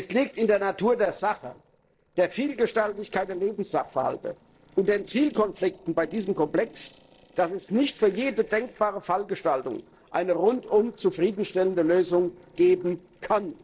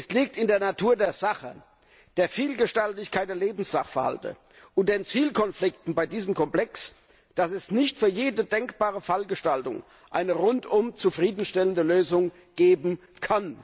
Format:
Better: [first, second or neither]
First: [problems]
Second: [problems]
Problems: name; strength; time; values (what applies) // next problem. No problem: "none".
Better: second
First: noise reduction (neural separator model SepFormer DNS4)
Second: none